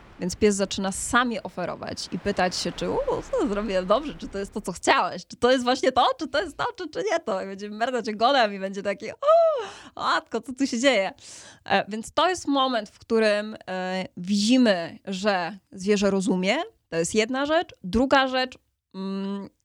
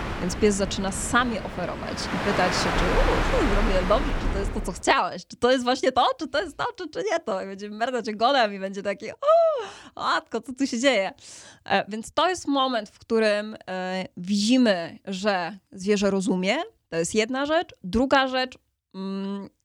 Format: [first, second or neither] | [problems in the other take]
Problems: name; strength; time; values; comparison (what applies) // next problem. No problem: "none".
first | train or aircraft noise; loud; until 4.5 s; 3 dB below the speech; faint in the first